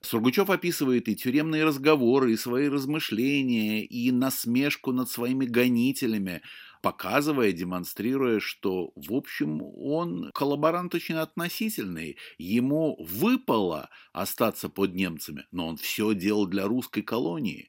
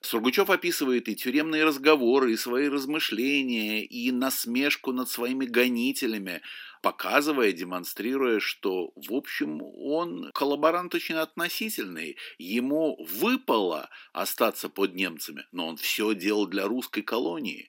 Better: first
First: none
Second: thin; very slightly; fading below 250 Hz

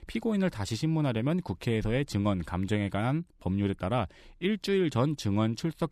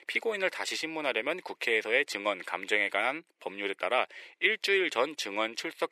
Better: first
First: none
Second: thin; very; fading below 450 Hz

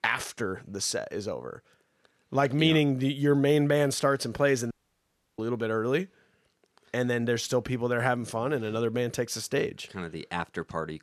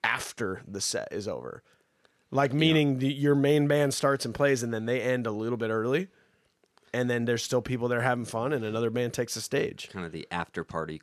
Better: second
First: audio cutting out; at 4.5 s for 0.5 s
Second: none

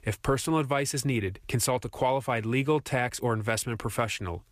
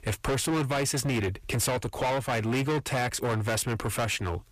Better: first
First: none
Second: distortion; heavy; 24% of the sound clipped

